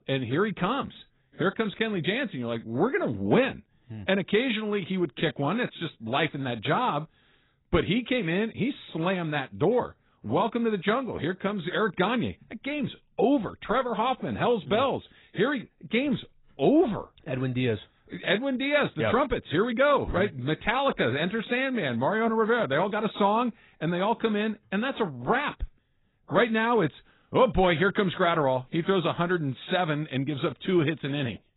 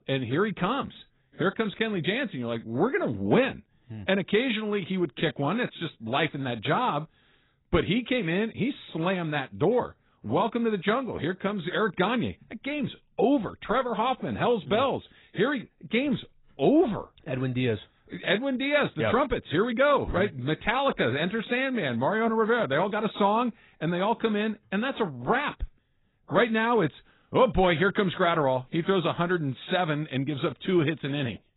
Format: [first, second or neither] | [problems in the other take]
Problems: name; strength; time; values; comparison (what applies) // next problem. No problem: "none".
neither | garbled, watery; badly; nothing above 4 kHz; the same in both